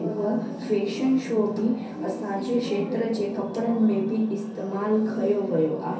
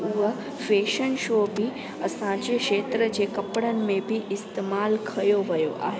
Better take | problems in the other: second | room echo; dies away in 0.6 s

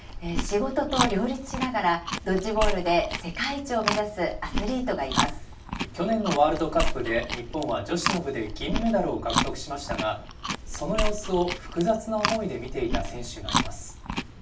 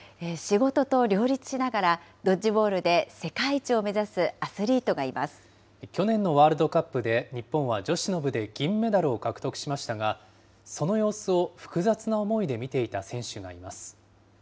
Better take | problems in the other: second | background sound (Chewing, mastication); 2 dB below the speech // room echo; dies away in 0.3 s

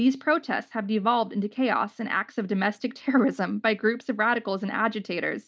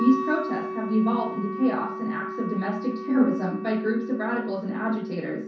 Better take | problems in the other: first | background sound (Wind instrument, woodwind instrument); 8 dB below the speech // room echo; dies away in 0.6 s

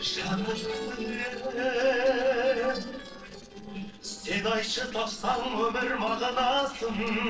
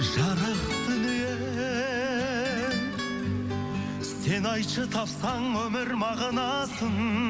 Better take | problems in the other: second | noise reduction (neural separator model SepFormer DNS4)

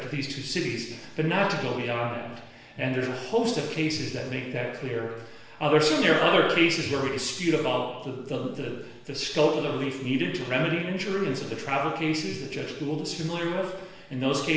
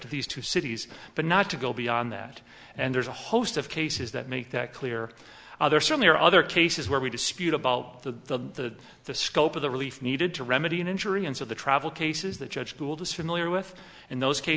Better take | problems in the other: second | room echo; dies away in 1 s

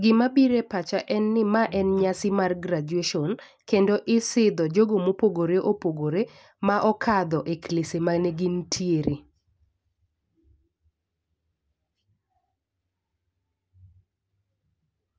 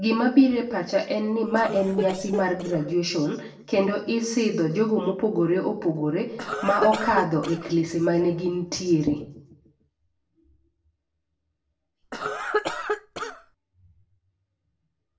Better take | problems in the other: first | noise reduction (neural separator model SepFormer DNS4)

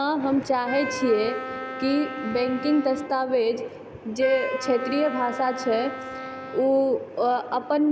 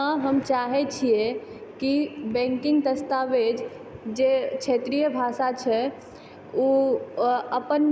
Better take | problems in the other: second | background sound (Wind instrument, woodwind instrument); 10 dB below the speech

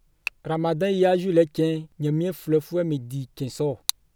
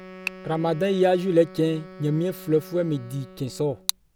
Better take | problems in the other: first | background sound (Wind instrument, woodwind instrument); 19 dB below the speech

